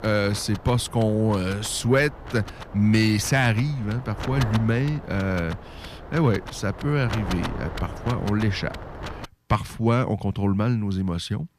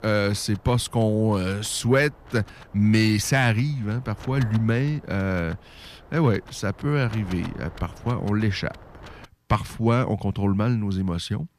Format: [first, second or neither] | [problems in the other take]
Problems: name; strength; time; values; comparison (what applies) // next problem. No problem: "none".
second | wind noise on the microphone; heavy; until 9.5 s; 10 dB below the speech; occasional gusts in the second